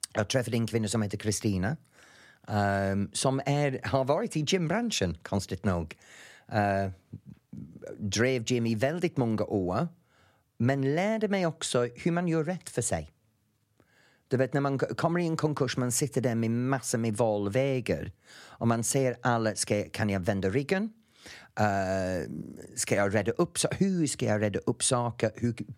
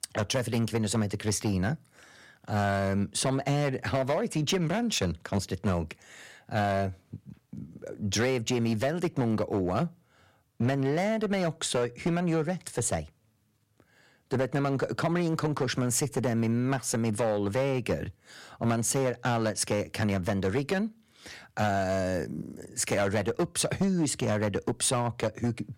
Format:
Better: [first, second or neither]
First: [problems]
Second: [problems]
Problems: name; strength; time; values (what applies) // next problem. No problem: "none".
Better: first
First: none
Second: distortion; slight; 6% of the sound clipped